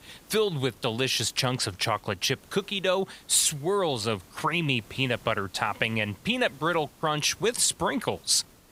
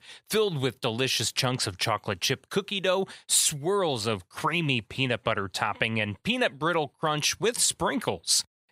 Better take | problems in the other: second | hiss; faint; throughout; 25 dB below the speech

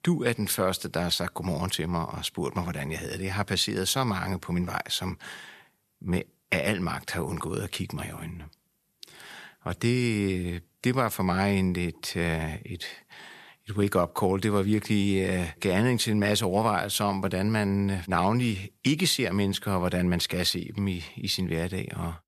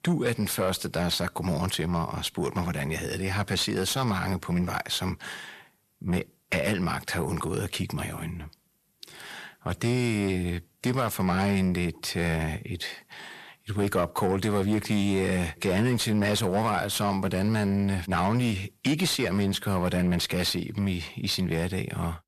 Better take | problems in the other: first | distortion; slight; 10 dB below the speech

